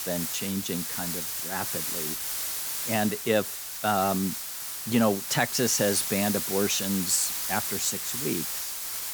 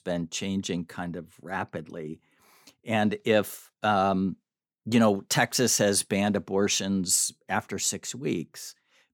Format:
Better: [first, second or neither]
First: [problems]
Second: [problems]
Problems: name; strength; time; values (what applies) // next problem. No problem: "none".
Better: second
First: hiss; loud; throughout; 2 dB below the speech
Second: none